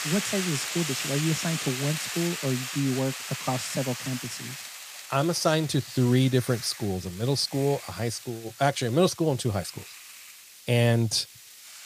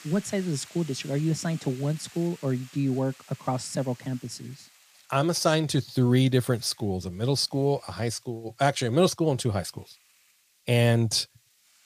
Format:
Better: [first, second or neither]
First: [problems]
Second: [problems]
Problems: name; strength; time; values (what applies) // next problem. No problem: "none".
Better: second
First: hiss; loud; throughout; 7 dB below the speech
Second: hiss; faint; throughout; 25 dB below the speech